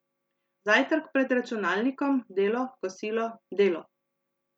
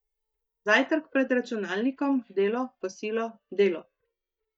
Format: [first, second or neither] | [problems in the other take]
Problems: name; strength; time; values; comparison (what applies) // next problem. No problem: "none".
first | noise reduction (neural mask model DeepFilterNet 3)